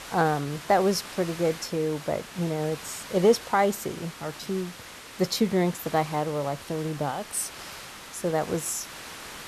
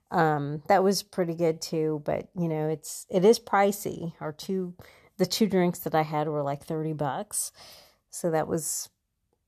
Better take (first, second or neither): second